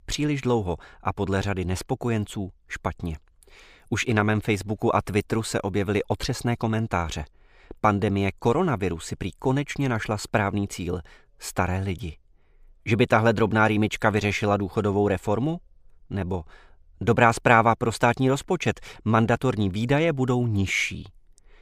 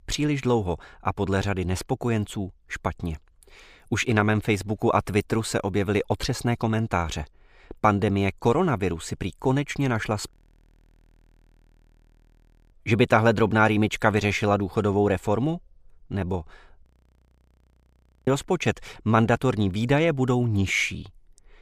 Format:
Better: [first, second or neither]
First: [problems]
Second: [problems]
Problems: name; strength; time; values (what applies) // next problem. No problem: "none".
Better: first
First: none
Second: audio freezing; at 10 s for 2.5 s and at 17 s for 1.5 s